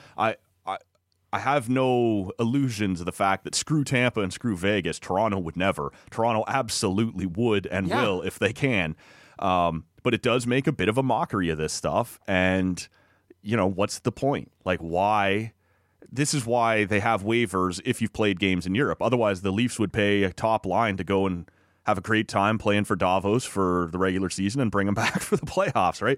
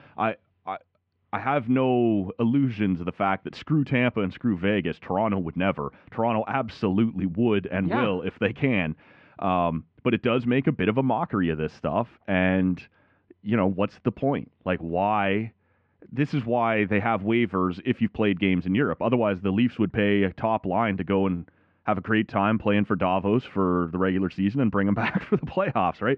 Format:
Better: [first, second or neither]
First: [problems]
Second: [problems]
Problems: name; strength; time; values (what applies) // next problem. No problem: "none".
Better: first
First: none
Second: muffled; very; fading above 3 kHz